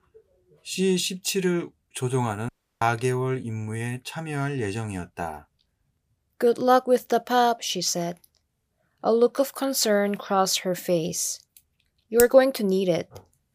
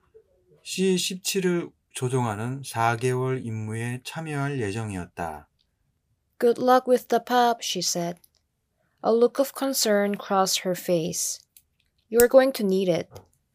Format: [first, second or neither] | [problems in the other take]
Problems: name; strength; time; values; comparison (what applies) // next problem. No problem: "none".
second | audio cutting out; at 2.5 s